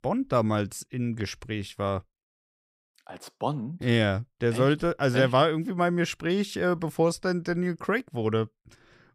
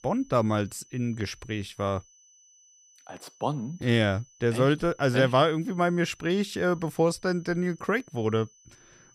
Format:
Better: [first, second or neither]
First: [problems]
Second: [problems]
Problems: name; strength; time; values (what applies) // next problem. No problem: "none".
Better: first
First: none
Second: high-pitched whine; faint; throughout; 6 kHz, 30 dB below the speech